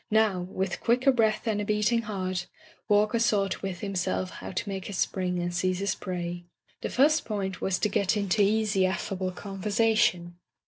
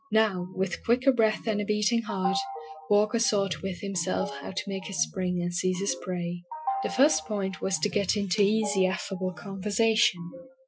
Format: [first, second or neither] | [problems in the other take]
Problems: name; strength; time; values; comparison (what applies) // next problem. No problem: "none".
first | noise reduction (classical method Wiener filter)